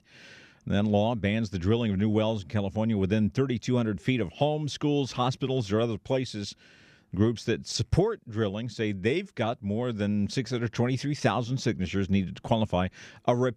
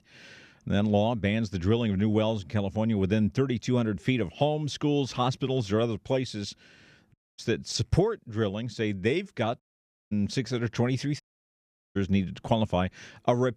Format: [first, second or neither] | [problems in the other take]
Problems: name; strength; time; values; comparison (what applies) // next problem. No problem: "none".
first | audio cutting out; at 7 s, at 9.5 s for 0.5 s and at 11 s for 1 s